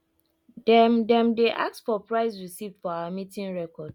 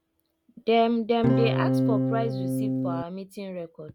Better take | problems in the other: first | background sound (Electric guitar / Strum); 4 dB above the speech

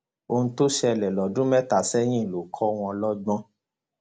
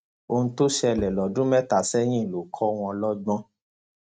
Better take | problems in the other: first | noise reduction (neural mask model RNNoise)

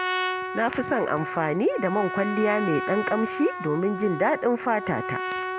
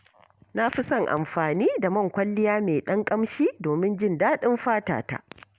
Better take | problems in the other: second | background sound (Trumpet); 6 dB below the speech

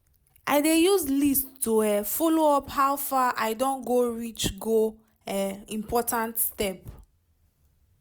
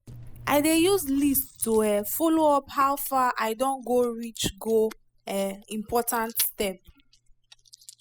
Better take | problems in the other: first | noise reduction (classical method spectral subtraction)

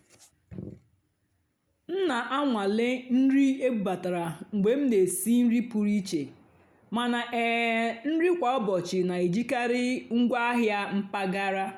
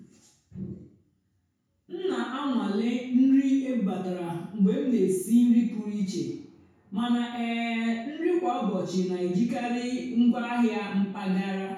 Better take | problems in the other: first | room echo; dies away in 0.6 s

